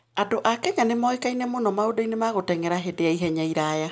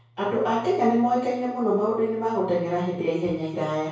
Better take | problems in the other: first | room echo; dies away in 0.6 s

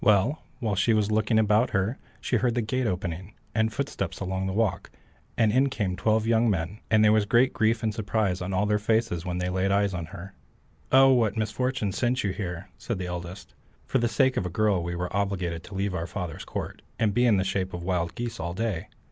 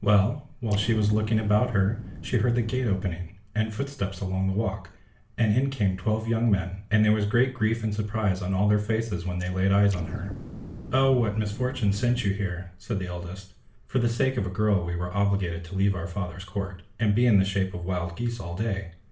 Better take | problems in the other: first | background sound (Explosion); 12 dB below the speech // room echo; dies away in 0.4 s

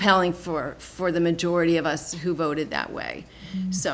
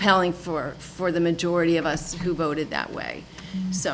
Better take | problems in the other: first | background sound (Printer); 17 dB below the speech

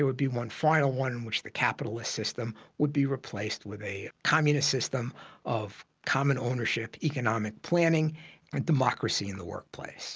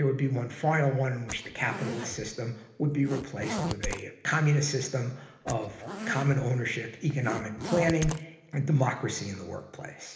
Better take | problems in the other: first | background sound (Zipper (clothing)); 8 dB below the speech // room echo; dies away in 1 s

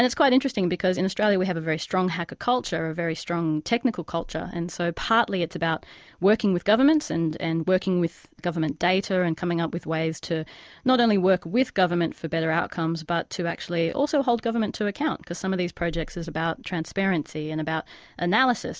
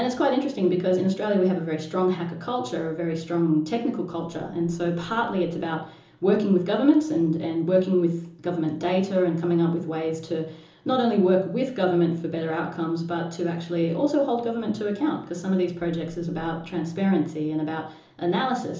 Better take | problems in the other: first | room echo; dies away in 0.6 s

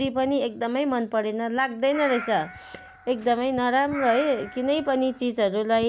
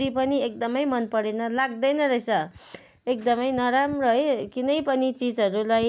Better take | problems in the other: second | background sound (Meow); 15 dB below the speech

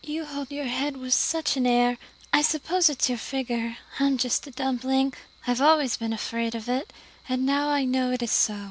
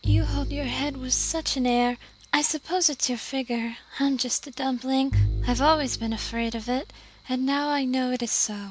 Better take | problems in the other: first | background sound (Bowed string instrument); 4 dB below the speech

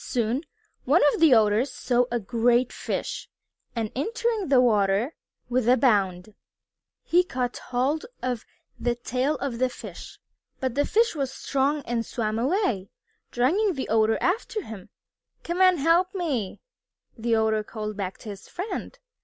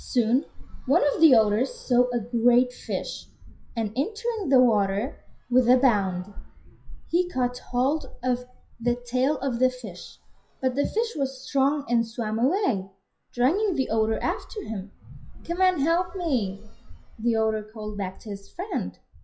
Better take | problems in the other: first | noise reduction (classical method WPE with log-MMSE)

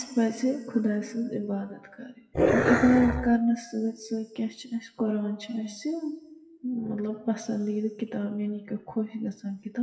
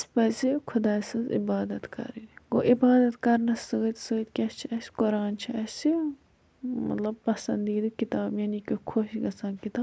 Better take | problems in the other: second | noise reduction (classical method WPE with log-MMSE)

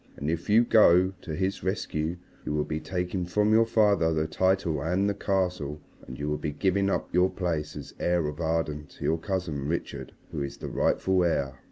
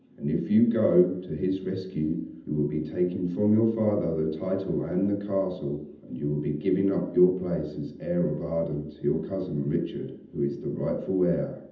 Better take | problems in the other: first | room echo; dies away in 0.8 s

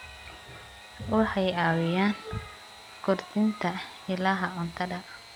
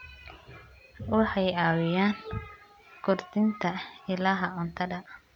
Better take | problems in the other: second | background sound (Sawing / Engine + Fart); 18 dB below the speech

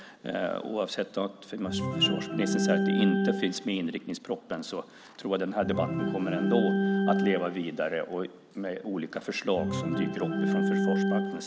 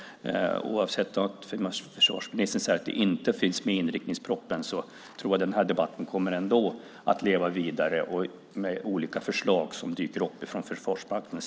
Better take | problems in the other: second | background sound (Organ); 1 dB above the speech

